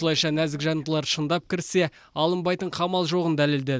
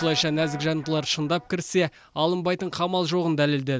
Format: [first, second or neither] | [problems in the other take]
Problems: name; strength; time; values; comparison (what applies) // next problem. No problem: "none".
first | background sound (Guitar); 19 dB below the speech